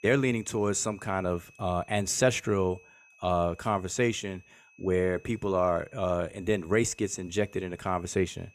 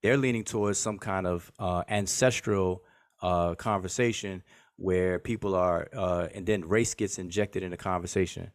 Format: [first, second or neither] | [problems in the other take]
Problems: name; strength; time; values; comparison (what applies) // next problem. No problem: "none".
second | high-pitched whine; faint; throughout; 2.5 kHz, 25 dB below the speech